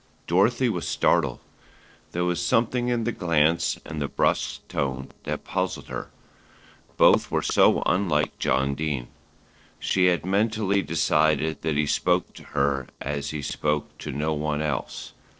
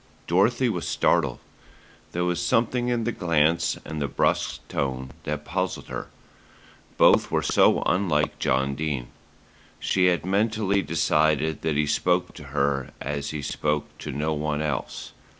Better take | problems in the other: second | noise reduction (neural separator model SepFormer DNS4)

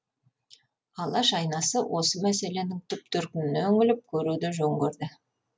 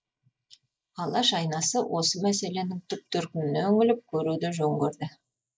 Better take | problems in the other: first | noise reduction (neural mask model Resemble Enhance denoiser)

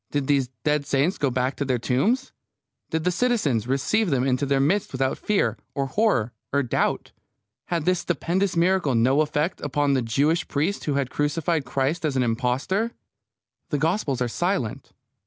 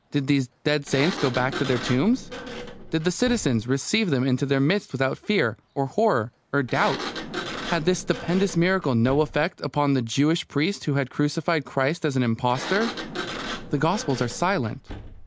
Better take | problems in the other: first | background sound (Sliding door); 12 dB below the speech

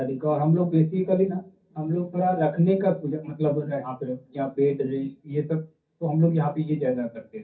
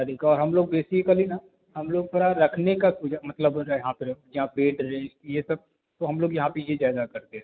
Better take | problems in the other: second | room echo; dies away in 0.3 s

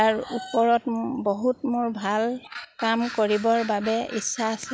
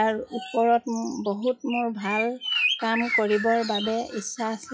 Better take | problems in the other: first | noise reduction (classical method WPE with log-MMSE)

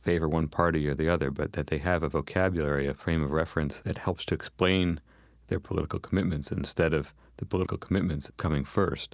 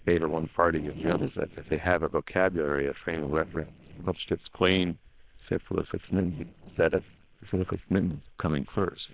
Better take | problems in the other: first | noise reduction (neural separator model SepFormer WHAM!)

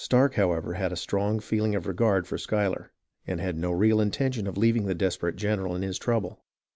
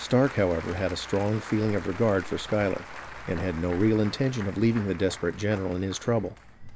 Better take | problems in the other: first | background sound (Applause / Crowd); 14 dB below the speech

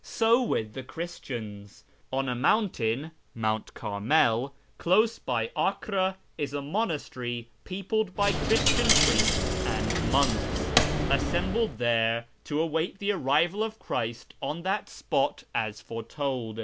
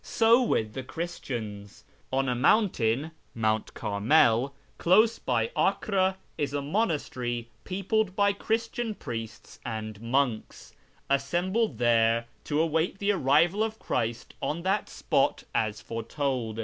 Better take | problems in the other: second | background sound (Coin (dropping)); 3 dB above the speech

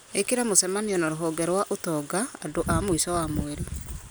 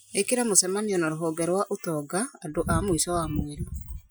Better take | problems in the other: first | noise reduction (classical method Wiener filter)

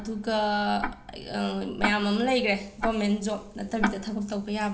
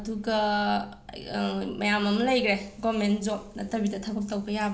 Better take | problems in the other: second | background sound (Tick-tock); 9 dB below the speech

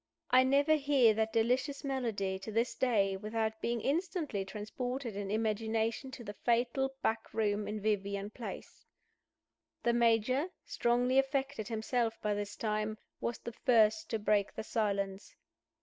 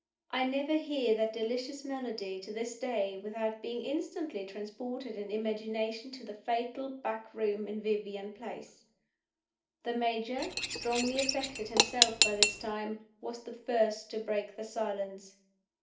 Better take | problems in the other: first | background sound (Cutlery, silverware / Dishes, pots, and pans); 4 dB above the speech // room echo; dies away in 0.4 s

